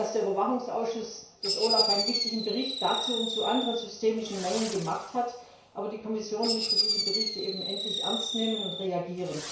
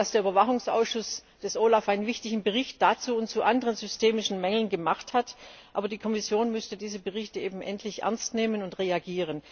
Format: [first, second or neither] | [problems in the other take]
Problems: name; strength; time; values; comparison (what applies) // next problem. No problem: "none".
second | background sound (Fireworks); 2 dB below the speech // room echo; dies away in 0.6 s